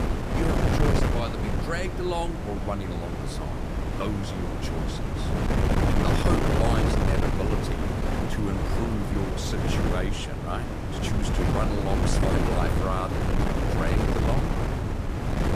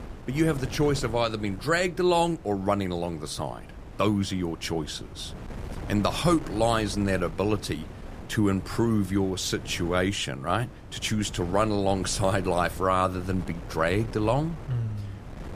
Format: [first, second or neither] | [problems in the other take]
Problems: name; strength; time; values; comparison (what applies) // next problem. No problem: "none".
second | wind noise on the microphone; heavy; 2 dB above the speech; occasional gusts in the second